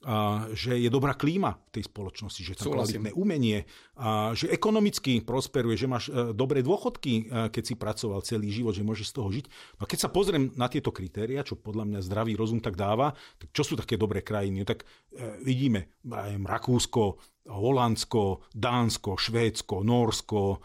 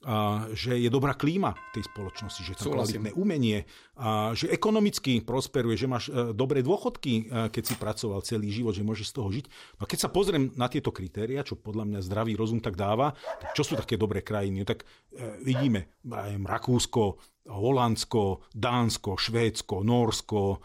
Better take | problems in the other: first | doorbell; faint; from 1.5 to 3.5 s; peak 15 dB below the speech // keyboard typing; noticeable; at 7.5 s; peak 8 dB below the speech // dog barking; noticeable; from 13 to 16 s; peak 9 dB below the speech

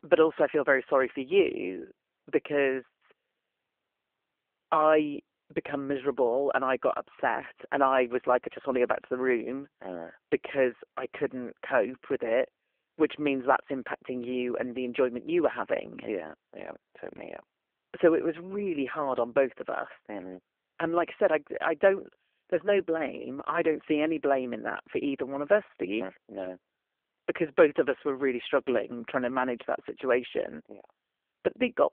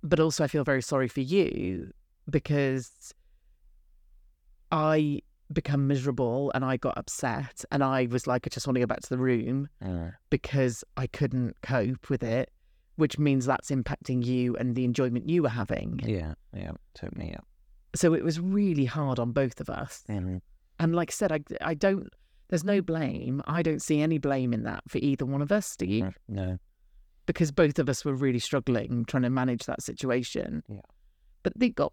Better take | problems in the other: second | phone-call audio

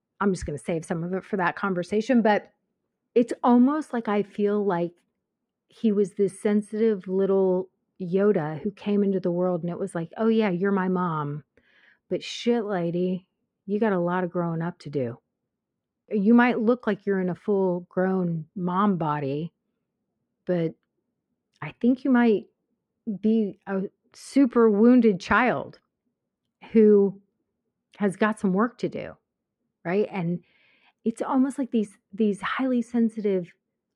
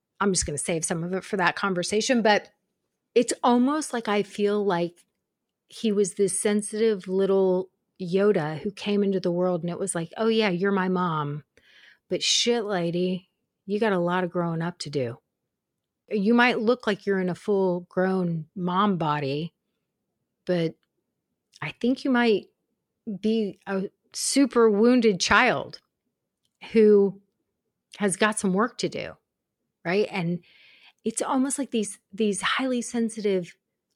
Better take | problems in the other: second | muffled; slightly; fading above 3 kHz

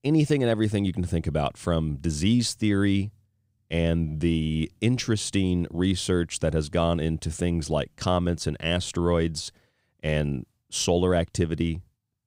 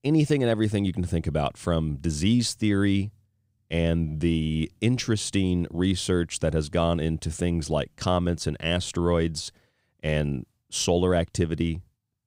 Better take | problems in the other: neither | none

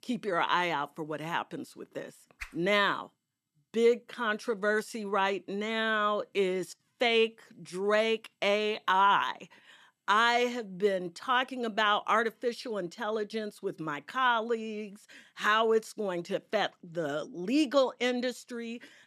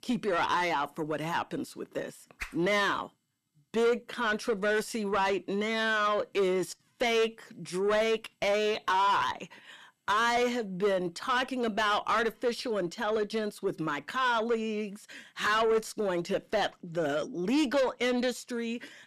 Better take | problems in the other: first | distortion; heavy; 7 dB below the speech

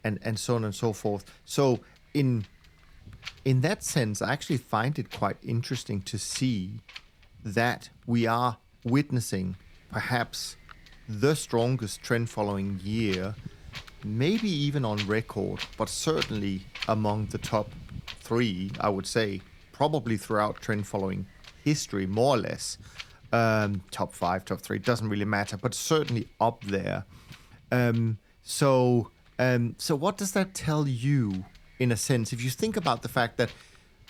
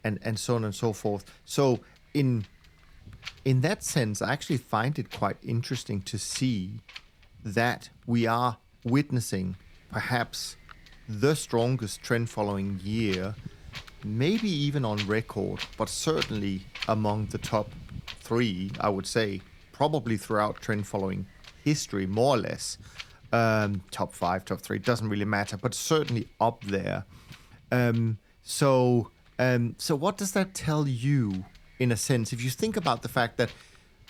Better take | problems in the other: neither | wind noise on the microphone; occasional gusts; 15 dB below the speech; the same in both

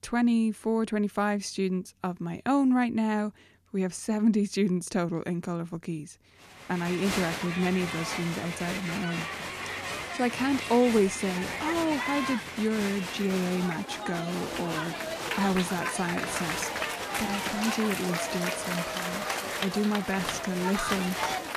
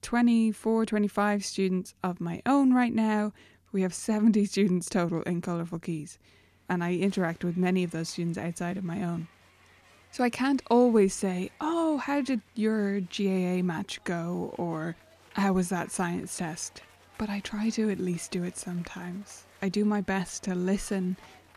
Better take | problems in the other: second | crowd noise; loud; from 6.5 s on; 3 dB below the speech; faint in the second

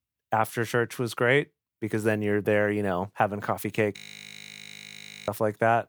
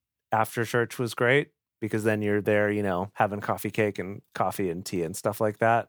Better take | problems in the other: second | audio freezing; at 4 s for 1.5 s

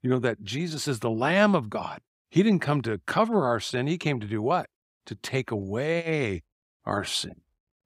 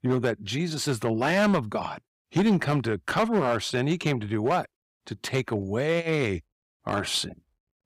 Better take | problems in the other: first | distortion; slight; 5% of the sound clipped

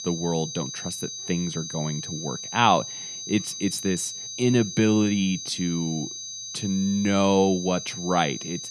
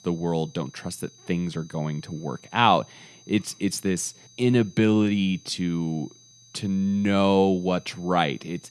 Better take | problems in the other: second | high-pitched whine; loud; throughout; 6 kHz, 8 dB below the speech; faint in the second

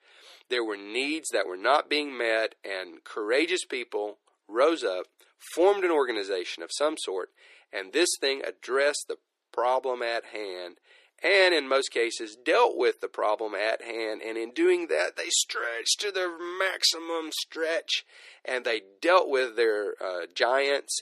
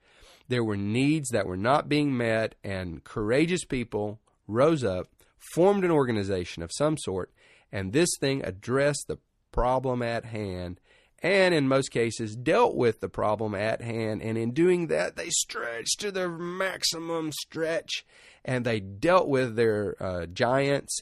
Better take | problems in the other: second | thin; very; fading below 350 Hz

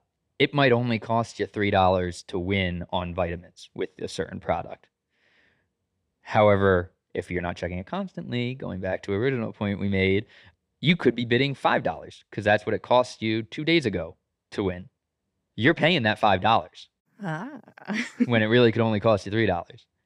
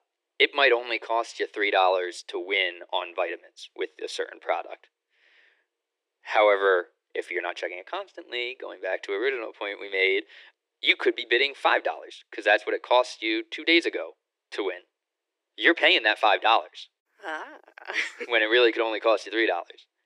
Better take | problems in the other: first | thin; very; fading below 350 Hz

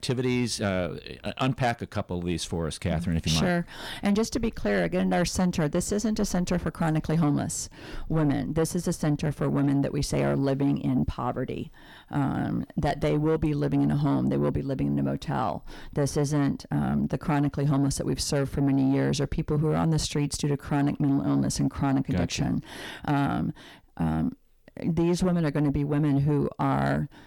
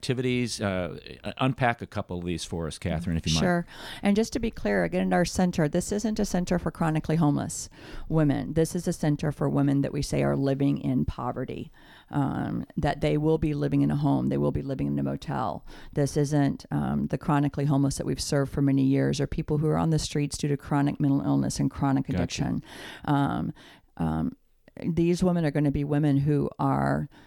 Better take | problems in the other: second | distortion; slight; 10 dB below the speech

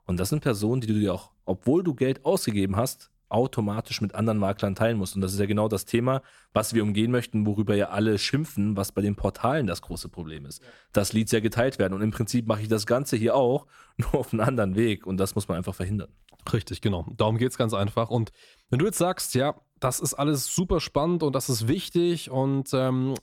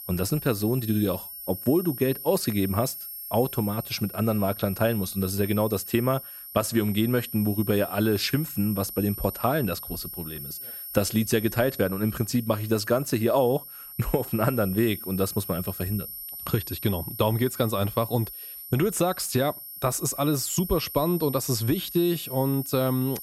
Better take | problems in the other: first | high-pitched whine; loud; throughout; 11.5 kHz, 10 dB below the speech

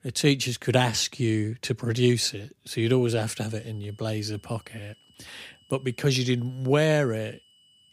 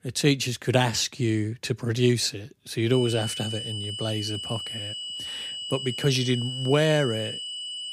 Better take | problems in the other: first | high-pitched whine; loud; from 3 s on; 3 kHz, 6 dB below the speech; faint in the first

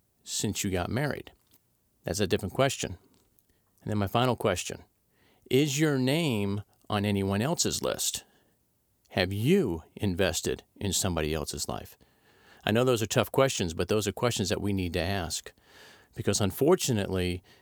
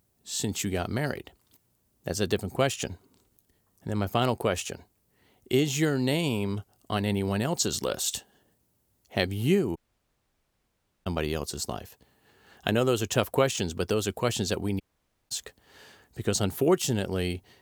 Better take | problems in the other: first | audio cutting out; at 10 s for 1.5 s and at 15 s for 0.5 s

